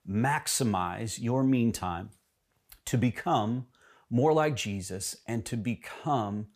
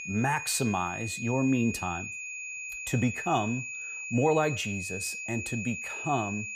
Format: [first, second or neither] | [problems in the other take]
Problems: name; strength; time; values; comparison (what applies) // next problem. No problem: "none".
first | high-pitched whine; loud; throughout; 2.5 kHz, 6 dB below the speech